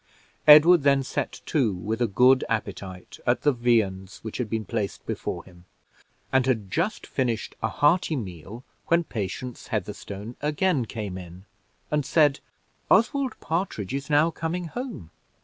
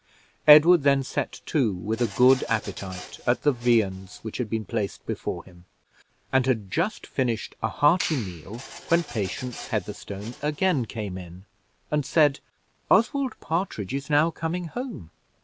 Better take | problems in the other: first | background sound (Clapping + Printer); 15 dB below the speech

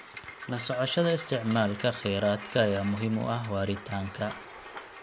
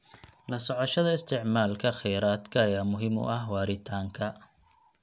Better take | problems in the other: second | background sound (Train + Clock); 14 dB below the speech

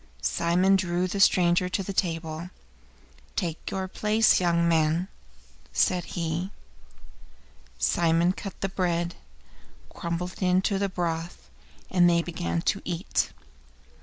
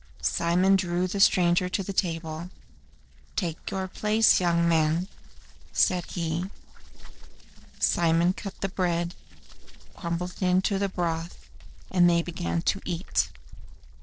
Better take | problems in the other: first | noise reduction (neural separator model SepFormer DNS4)

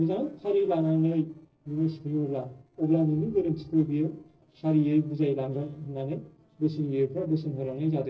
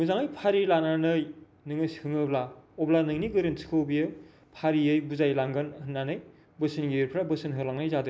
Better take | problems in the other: second | noise reduction (neural separator model SepFormer DNS4)

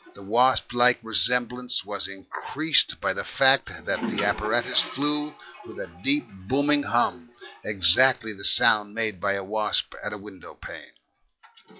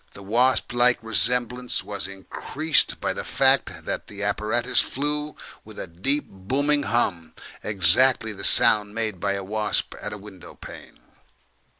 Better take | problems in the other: second | noise reduction (classical method log-MMSE)

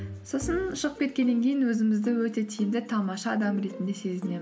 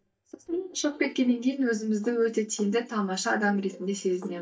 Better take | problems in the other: first | noise reduction (neural mask model DeepFilterNet 3)

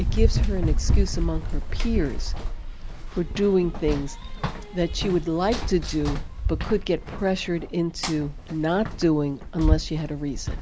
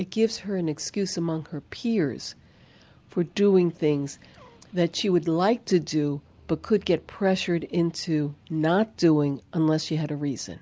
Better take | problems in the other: second | background sound (Run); as loud as the speech

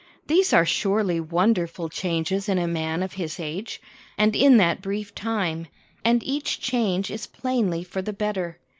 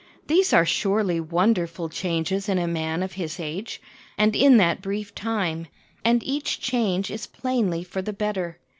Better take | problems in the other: second | noise reduction (neural mask model Resemble Enhance denoiser)

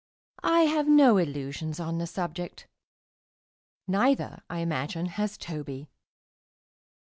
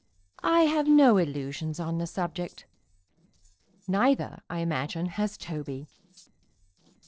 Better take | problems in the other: first | noise reduction (neural separator model SepFormer DNS4)

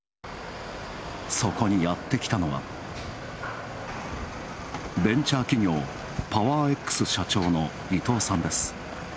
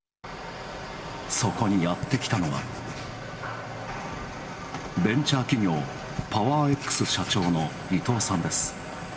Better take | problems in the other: first | background sound (Writing); 11 dB below the speech // room echo; dies away in 1.7 s

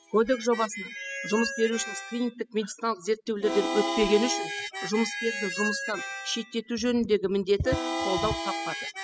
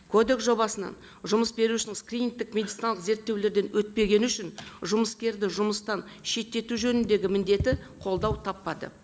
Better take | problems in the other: second | noise reduction (classical method spectral subtraction)

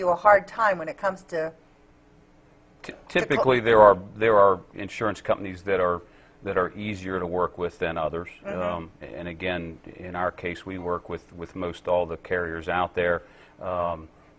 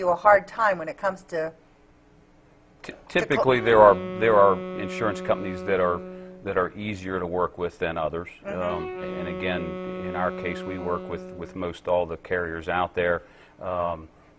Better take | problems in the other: first | background sound (Wind instrument, woodwind instrument); 10 dB below the speech

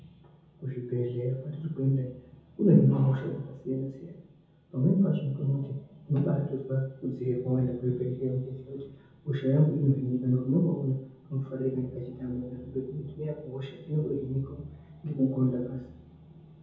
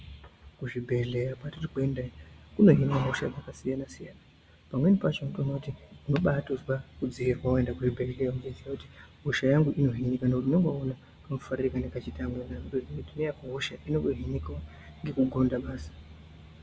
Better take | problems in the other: second | room echo; dies away in 0.7 s

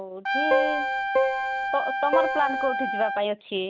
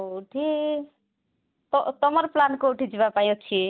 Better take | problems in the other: second | background sound (Keyboard (musical) + Trumpet); 3 dB above the speech

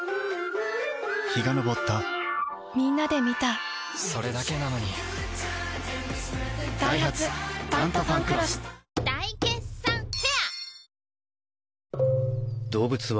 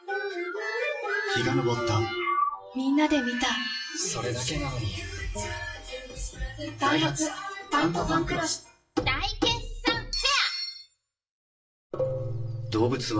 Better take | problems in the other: first | noise reduction (classical method WPE with log-MMSE)

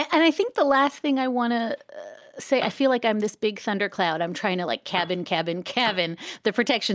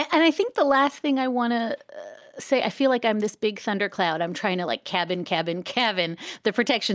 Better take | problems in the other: second | background sound (Piano); 14 dB below the speech

